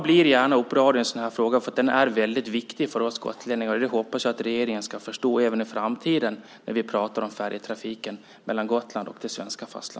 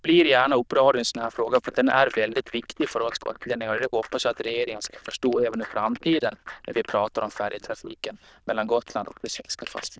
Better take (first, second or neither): first